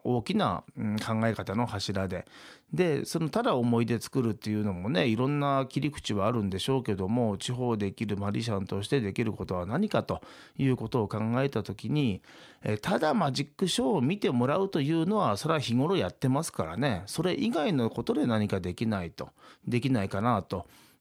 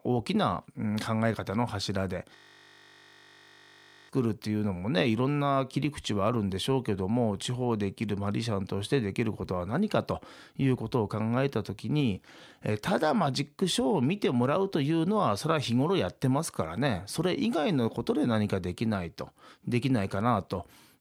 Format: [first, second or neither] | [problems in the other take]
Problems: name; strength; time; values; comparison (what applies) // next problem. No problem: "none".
first | audio freezing; at 2.5 s for 1.5 s